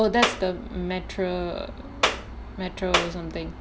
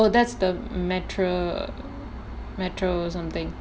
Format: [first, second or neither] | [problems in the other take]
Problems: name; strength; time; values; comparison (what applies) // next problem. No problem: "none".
second | background sound (Clapping); 1 dB above the speech